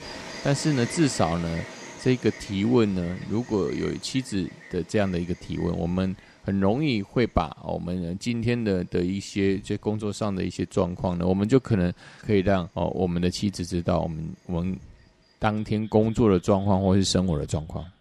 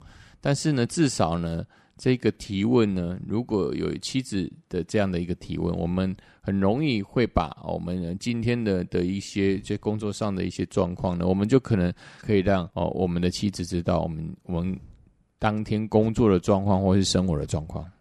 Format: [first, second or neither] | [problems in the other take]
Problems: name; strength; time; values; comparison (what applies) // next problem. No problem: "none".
second | animal sounds; noticeable; throughout; 15 dB below the speech